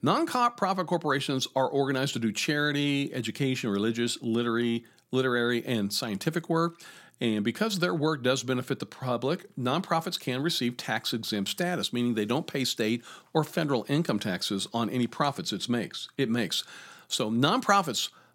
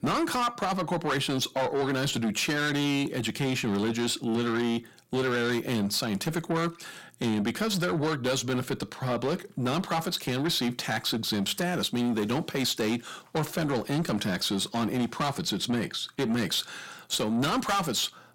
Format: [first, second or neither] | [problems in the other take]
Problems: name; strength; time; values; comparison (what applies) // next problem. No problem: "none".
first | distortion; heavy; 7 dB below the speech